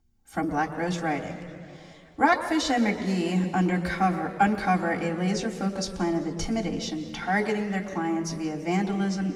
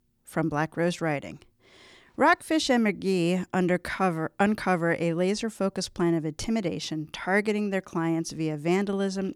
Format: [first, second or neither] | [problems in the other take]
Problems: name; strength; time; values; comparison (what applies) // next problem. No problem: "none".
second | room echo; slight; dies away in 2.1 s // off-mic speech; far